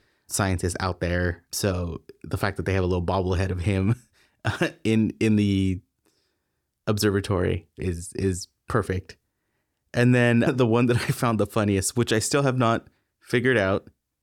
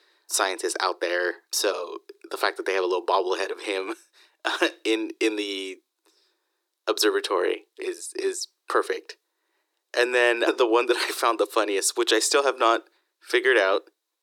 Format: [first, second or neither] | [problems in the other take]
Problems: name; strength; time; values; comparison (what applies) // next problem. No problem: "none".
first | thin; very; fading below 350 Hz